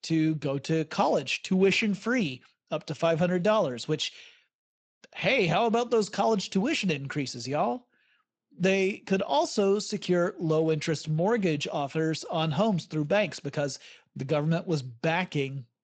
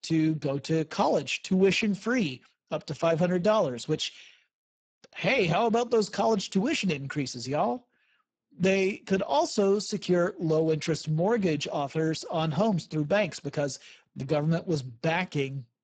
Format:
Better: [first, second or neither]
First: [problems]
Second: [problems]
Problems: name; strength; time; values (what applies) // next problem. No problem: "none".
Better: first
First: garbled, watery; slightly; nothing above 8 kHz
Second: garbled, watery; badly; nothing above 7.5 kHz